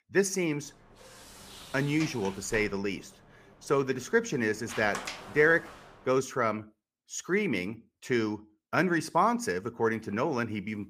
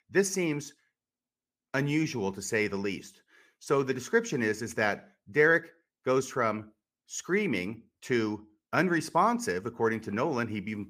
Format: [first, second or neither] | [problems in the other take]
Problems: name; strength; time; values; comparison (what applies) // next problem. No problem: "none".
second | door banging; noticeable; from 1 to 6 s; peak 8 dB below the speech